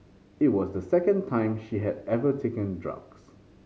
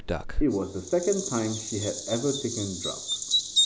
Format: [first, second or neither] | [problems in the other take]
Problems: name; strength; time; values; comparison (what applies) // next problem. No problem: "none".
first | background sound (Bird vocalization, bird call, bird song); as loud as the speech